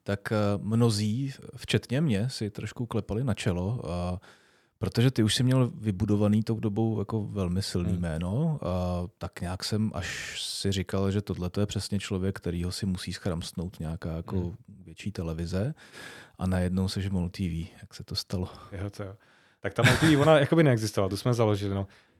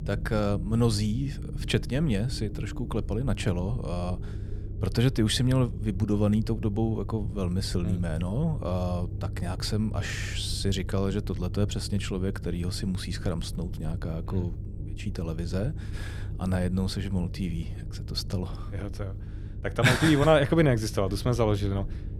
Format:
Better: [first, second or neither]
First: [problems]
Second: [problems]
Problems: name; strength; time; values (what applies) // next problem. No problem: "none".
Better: first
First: none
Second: low rumble; noticeable; throughout; 20 dB below the speech